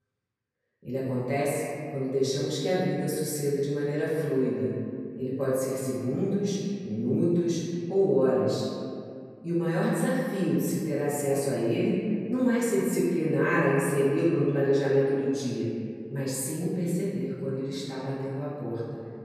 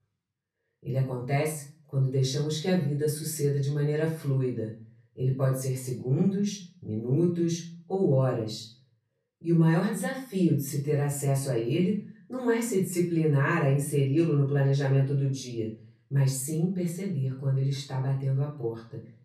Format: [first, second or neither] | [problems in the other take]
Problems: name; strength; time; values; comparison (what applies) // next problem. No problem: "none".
second | room echo; strong; dies away in 2.1 s; slight in the second // off-mic speech; far; far in the second